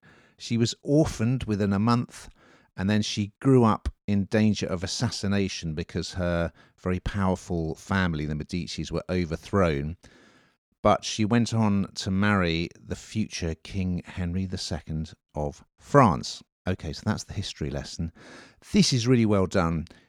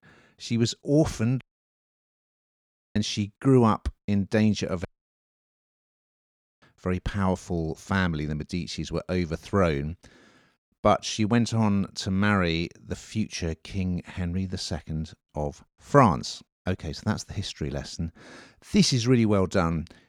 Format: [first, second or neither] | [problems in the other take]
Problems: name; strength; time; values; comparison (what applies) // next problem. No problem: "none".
first | audio cutting out; at 1.5 s for 1.5 s and at 5 s for 2 s